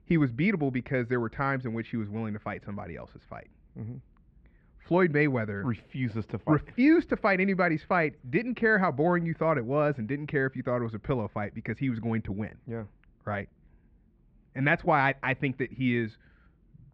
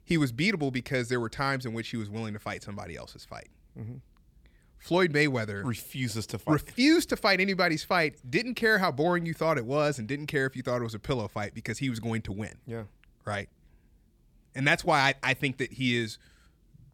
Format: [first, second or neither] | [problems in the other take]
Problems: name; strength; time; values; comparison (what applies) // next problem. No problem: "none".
second | muffled; very; fading above 2 kHz